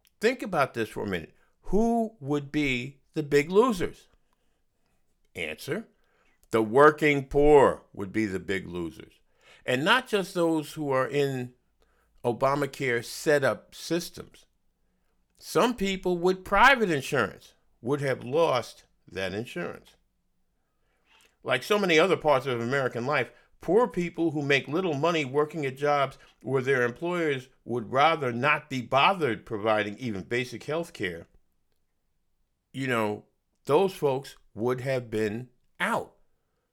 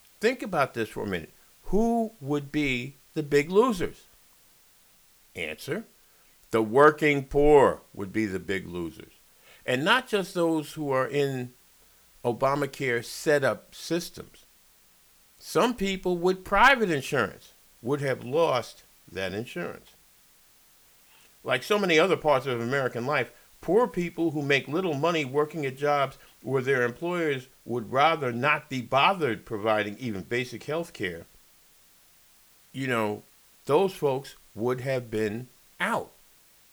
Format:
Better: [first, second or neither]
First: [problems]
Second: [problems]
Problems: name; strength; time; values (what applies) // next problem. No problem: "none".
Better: first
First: none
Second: hiss; faint; throughout; 30 dB below the speech